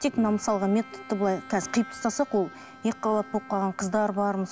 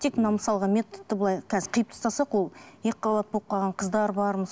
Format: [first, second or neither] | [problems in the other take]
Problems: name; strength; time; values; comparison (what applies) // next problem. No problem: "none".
second | background sound (Bowed string instrument); 19 dB below the speech